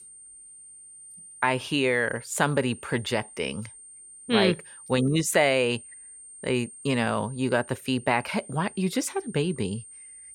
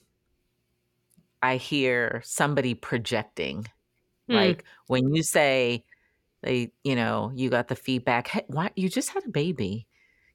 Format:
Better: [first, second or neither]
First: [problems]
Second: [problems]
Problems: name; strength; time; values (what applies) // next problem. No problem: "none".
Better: second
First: high-pitched whine; noticeable; throughout; 8.5 kHz, 20 dB below the speech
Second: none